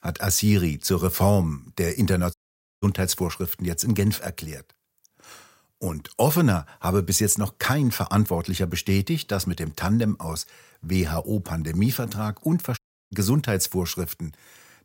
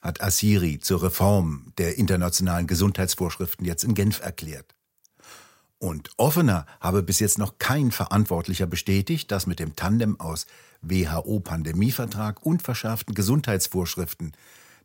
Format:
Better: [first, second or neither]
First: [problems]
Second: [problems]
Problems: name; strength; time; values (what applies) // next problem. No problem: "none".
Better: second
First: audio cutting out; at 2.5 s and at 13 s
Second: none